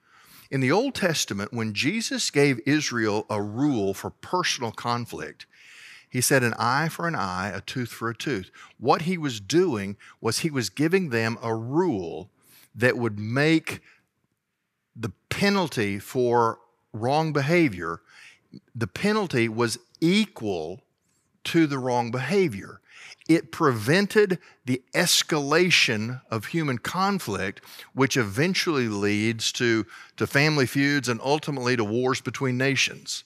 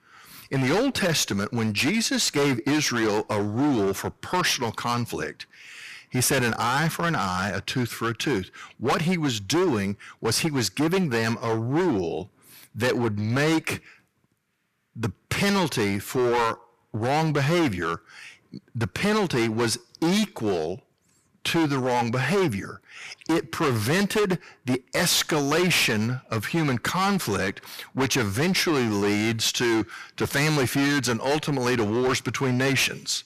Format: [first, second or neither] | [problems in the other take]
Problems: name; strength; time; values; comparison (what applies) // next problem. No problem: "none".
first | distortion; heavy; 17% of the sound clipped